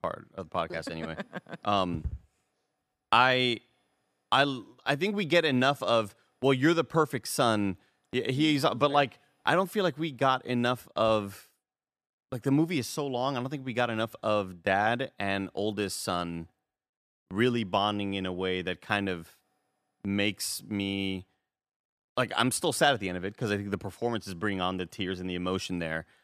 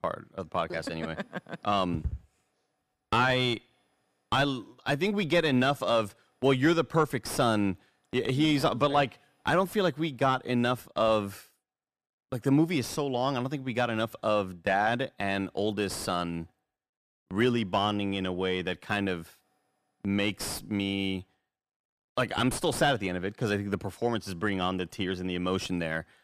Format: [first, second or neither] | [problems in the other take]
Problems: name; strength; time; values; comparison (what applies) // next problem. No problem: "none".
first | distortion; slight; 10 dB below the speech